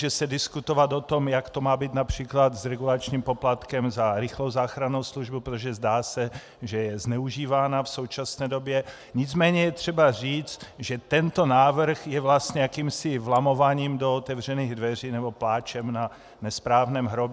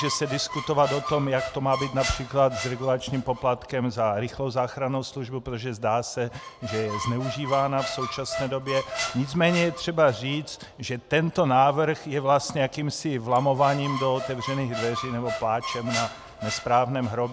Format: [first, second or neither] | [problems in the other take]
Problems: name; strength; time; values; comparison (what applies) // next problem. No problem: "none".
first | background sound (Squeak); 10 dB below the speech